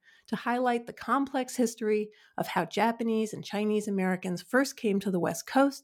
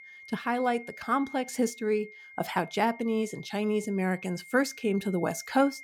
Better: first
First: none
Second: high-pitched whine; noticeable; throughout; 2 kHz, 15 dB below the speech

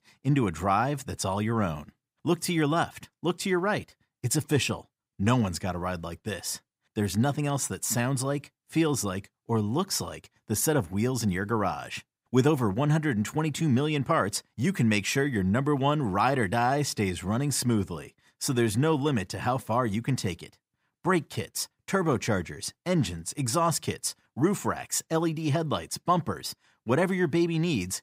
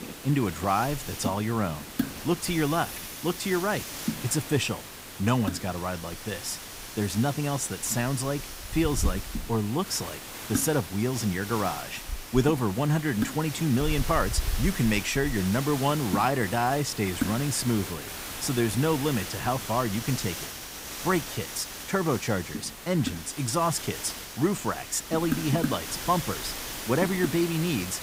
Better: first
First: none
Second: hiss; loud; throughout; 7 dB below the speech

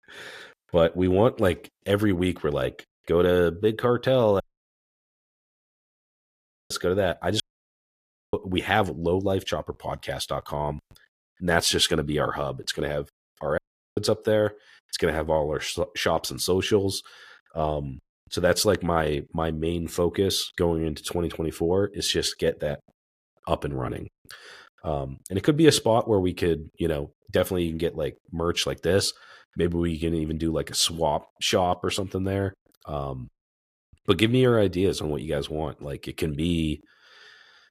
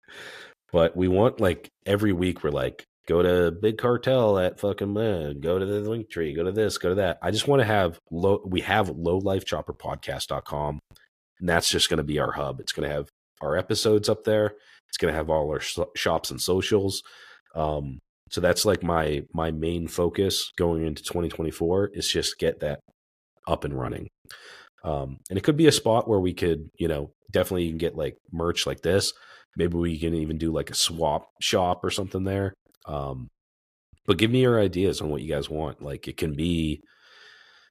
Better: second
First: audio cutting out; at 4.5 s for 2.5 s, at 7.5 s for 1 s and at 14 s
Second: none

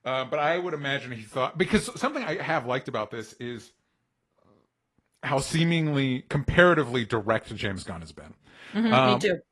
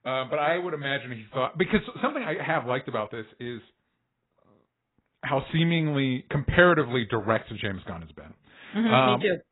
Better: first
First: garbled, watery; slightly; nothing above 11 kHz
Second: garbled, watery; badly; nothing above 4 kHz

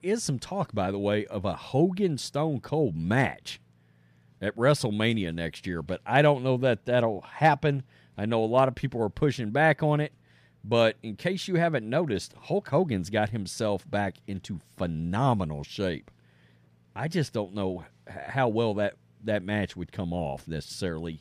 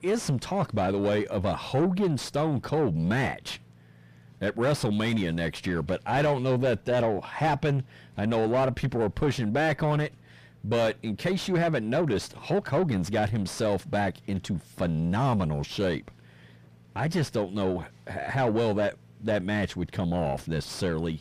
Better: first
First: none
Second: distortion; heavy; 6 dB below the speech

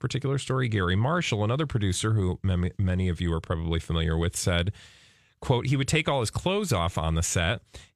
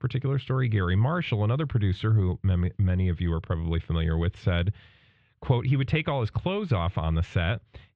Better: first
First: none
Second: muffled; very; fading above 3.5 kHz

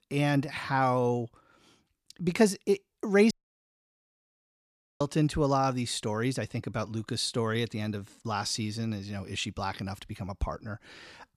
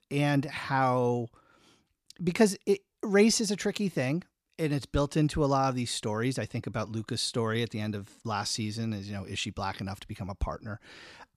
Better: second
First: audio cutting out; at 3.5 s for 1.5 s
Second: none

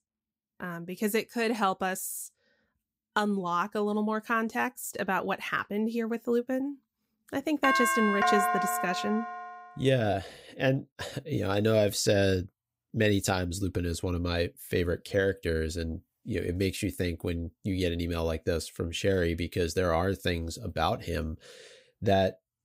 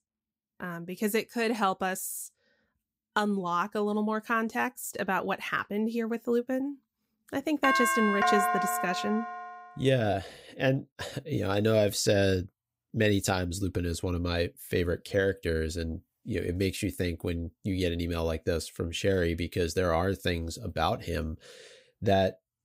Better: neither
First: doorbell; loud; from 7.5 to 9.5 s; peak 4 dB above the speech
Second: doorbell; loud; from 7.5 to 9.5 s; peak 4 dB above the speech

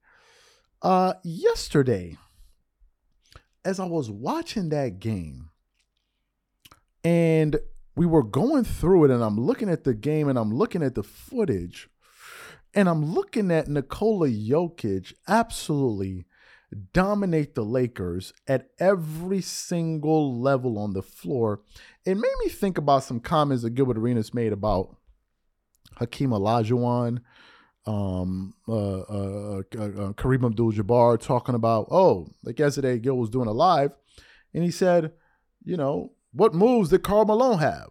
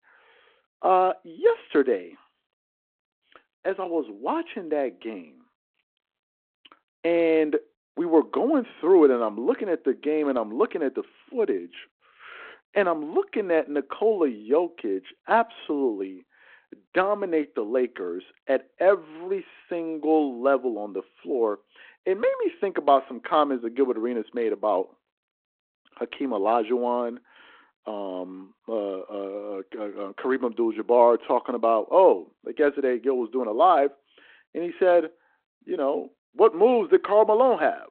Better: first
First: none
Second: phone-call audio

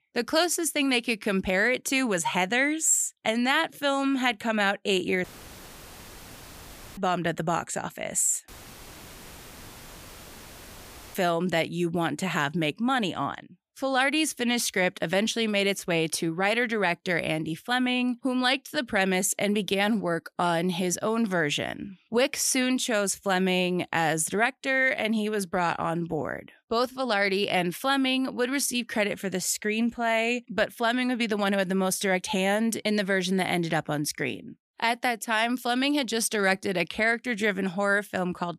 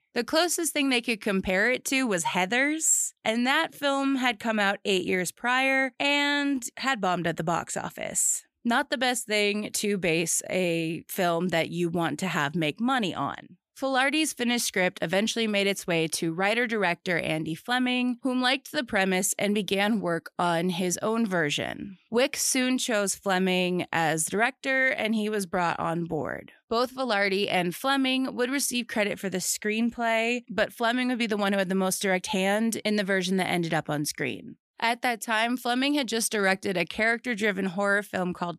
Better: second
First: audio cutting out; filled with static; at 5 s for 1.5 s and at 8.5 s for 2.5 s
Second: none

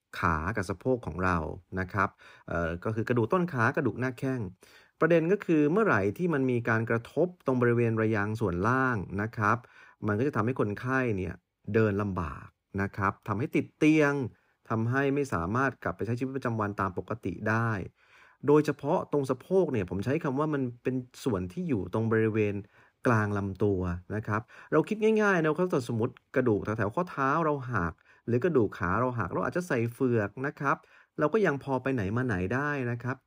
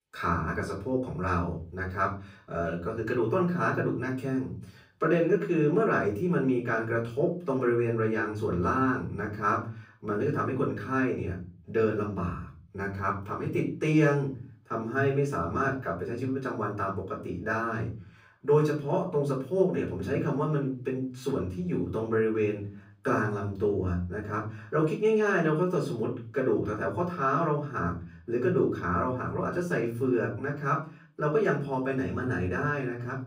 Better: first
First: none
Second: off-mic speech; far // room echo; slight; dies away in 0.4 s

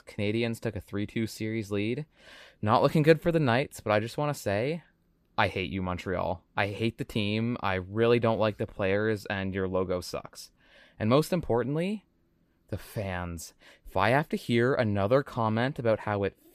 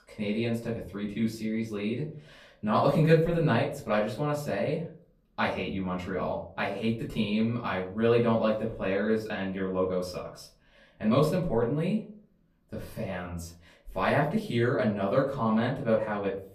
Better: first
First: none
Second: room echo; slight; dies away in 0.4 s // off-mic speech; far

